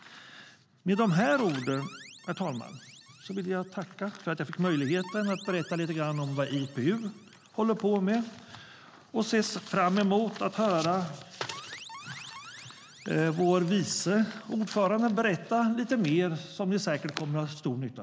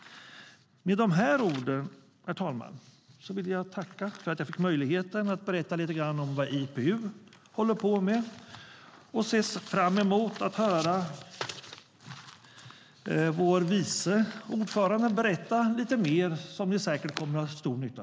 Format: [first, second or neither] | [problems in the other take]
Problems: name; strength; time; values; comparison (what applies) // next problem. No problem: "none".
second | background sound (Alarm); 18 dB below the speech